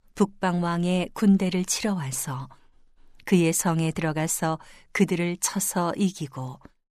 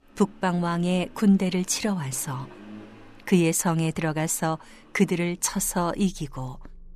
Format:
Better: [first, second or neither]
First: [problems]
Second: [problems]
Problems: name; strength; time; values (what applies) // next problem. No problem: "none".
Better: first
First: none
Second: traffic noise; faint; throughout; 25 dB below the speech